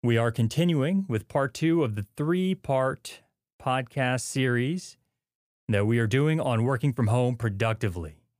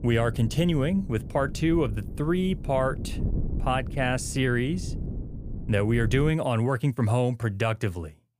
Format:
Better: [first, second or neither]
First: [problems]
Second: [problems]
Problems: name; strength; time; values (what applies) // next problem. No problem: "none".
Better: first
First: none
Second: wind noise on the microphone; occasional gusts; until 6.5 s; 15 dB below the speech